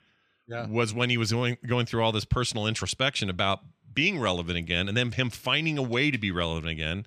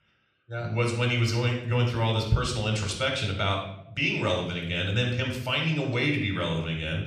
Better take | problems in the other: first | off-mic speech; somewhat distant // room echo; noticeable; dies away in 0.6 s

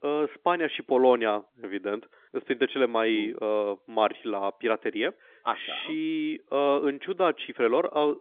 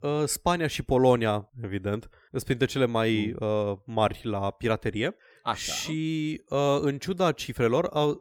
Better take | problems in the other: second | phone-call audio; nothing above 3.5 kHz

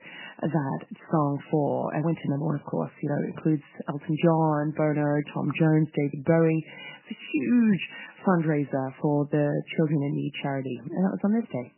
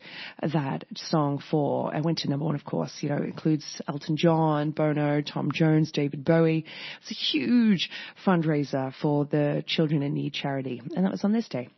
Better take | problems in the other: second | garbled, watery; badly; nothing above 3 kHz; slightly in the second

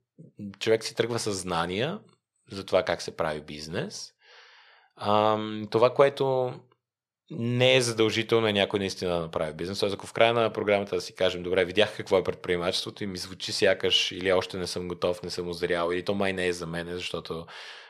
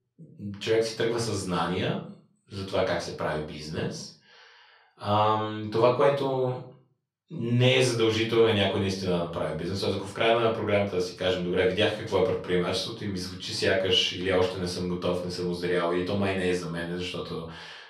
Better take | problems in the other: first | off-mic speech; far // room echo; slight; dies away in 0.4 s

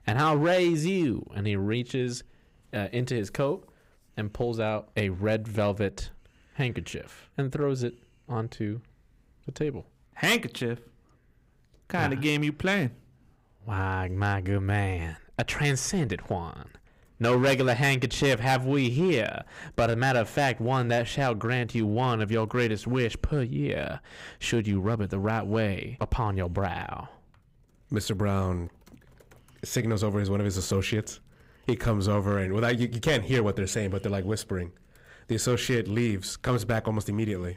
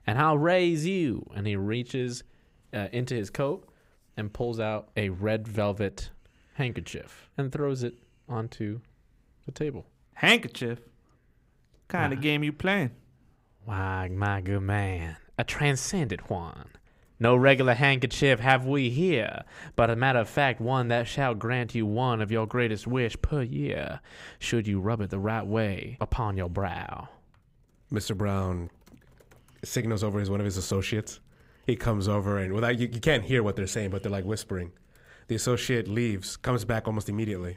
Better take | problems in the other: second | distortion; slight; 3% of the sound clipped

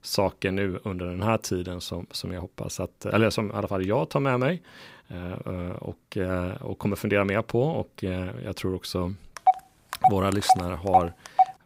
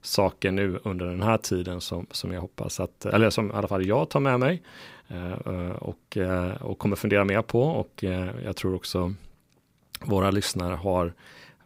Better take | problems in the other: second | phone ringing; loud; from 9.5 s on; peak 4 dB above the speech

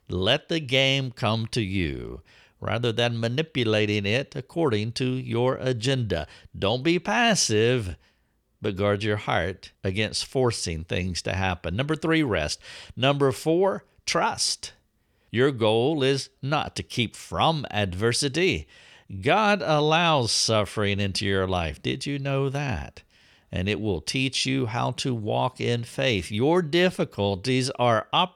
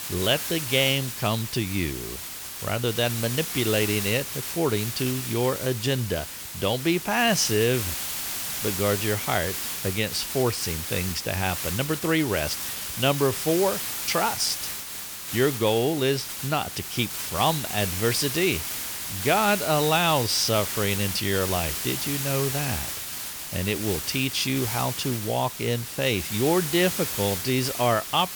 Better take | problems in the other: first | hiss; loud; throughout; 4 dB below the speech

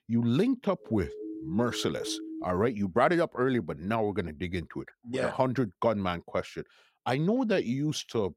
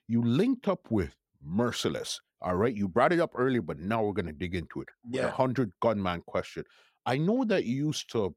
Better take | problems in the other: second | siren; noticeable; from 1 to 2.5 s; peak 9 dB below the speech

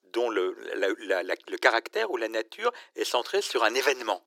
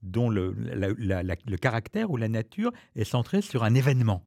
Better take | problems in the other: second | thin; very; fading below 350 Hz

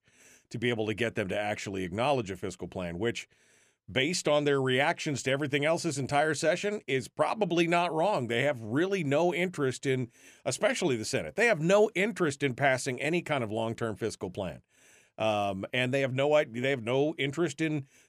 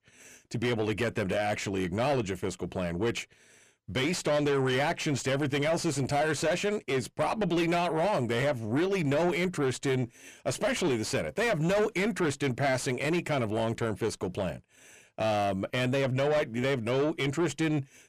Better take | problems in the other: first | distortion; heavy; 7 dB below the speech

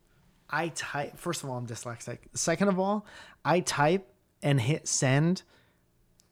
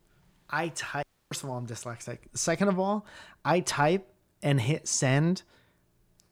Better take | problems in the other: first | audio cutting out; at 1 s

